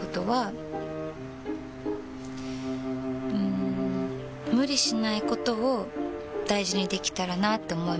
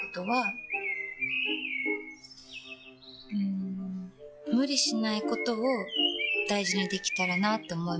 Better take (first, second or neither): first